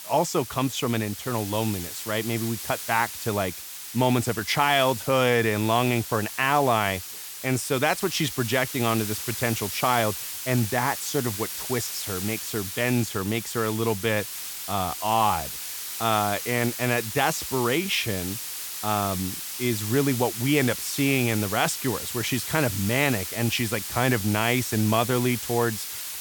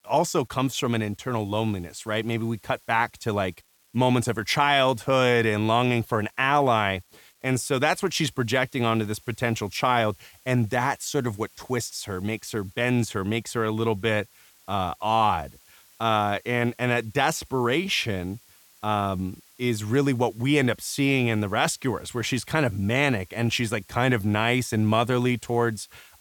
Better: second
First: hiss; loud; throughout; 6 dB below the speech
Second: hiss; faint; throughout; 30 dB below the speech

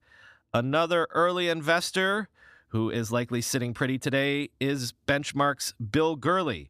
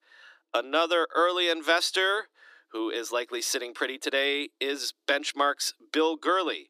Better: first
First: none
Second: thin; somewhat; fading below 300 Hz

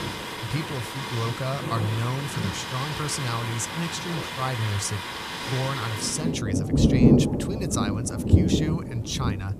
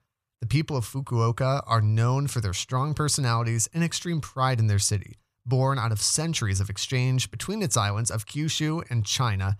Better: second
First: rain or running water; very loud; throughout; 3 dB above the speech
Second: none

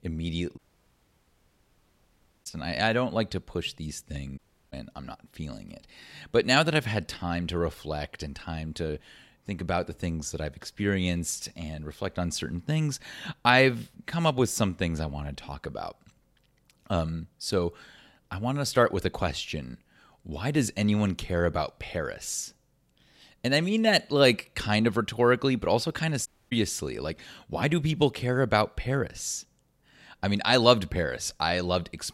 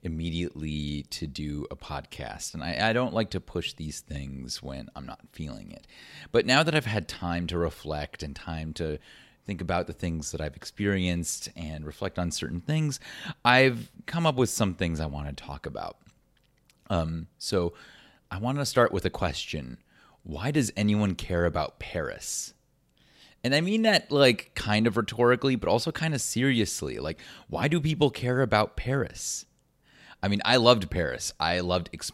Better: second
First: audio cutting out; at 0.5 s for 2 s, at 4.5 s and at 26 s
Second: none

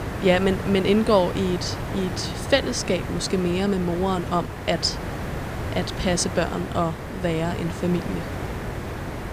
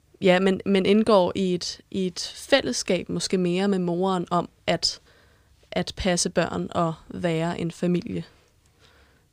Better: second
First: hiss; loud; throughout; 7 dB below the speech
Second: none

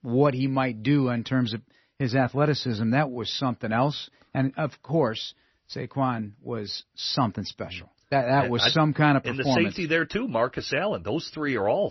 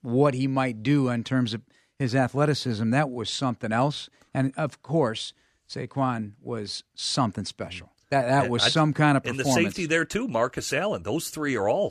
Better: second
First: garbled, watery; slightly; nothing above 6 kHz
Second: none

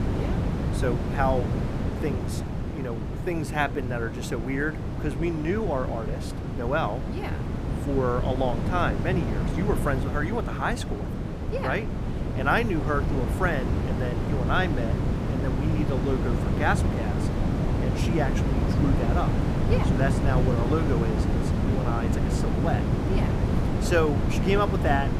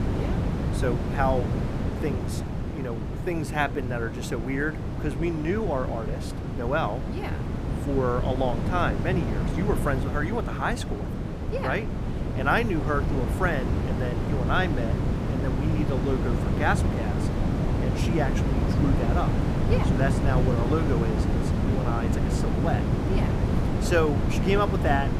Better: neither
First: wind noise on the microphone; heavy; 4 dB below the speech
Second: wind noise on the microphone; heavy; 4 dB below the speech

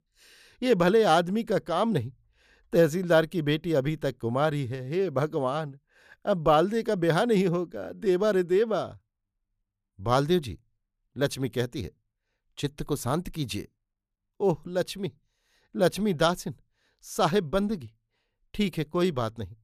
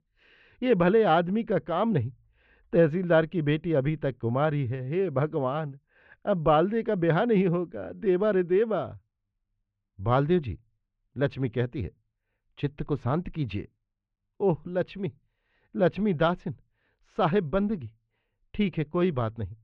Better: first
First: none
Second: muffled; very; fading above 2.5 kHz

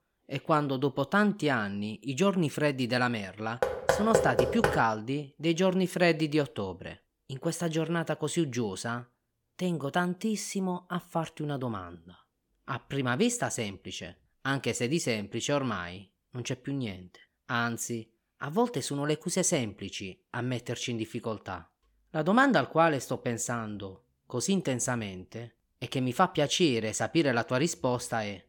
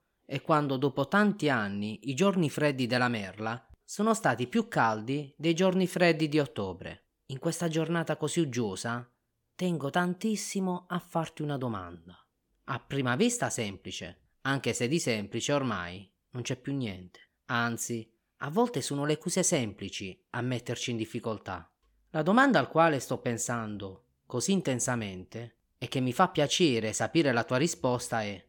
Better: second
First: door banging; loud; from 3.5 to 5 s; peak 3 dB above the speech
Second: none

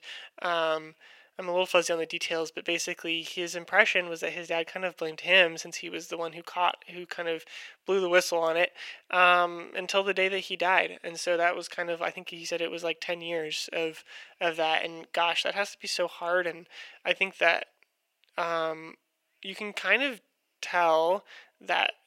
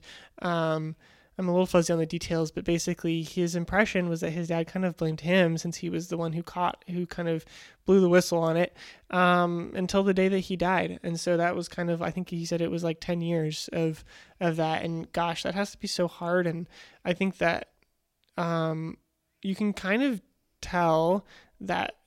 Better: second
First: thin; very; fading below 550 Hz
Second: none

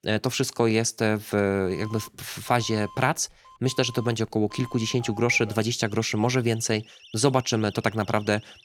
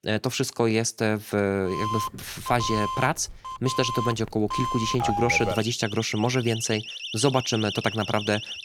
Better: first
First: alarms or sirens; faint; from 1.5 s on; 20 dB below the speech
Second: alarms or sirens; loud; from 1.5 s on; 6 dB below the speech

